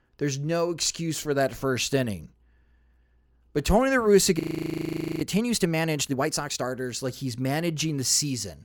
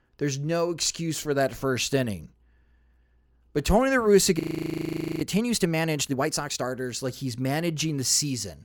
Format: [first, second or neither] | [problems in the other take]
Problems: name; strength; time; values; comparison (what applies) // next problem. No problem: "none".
neither | audio freezing; at 4.5 s for 1 s; the same in both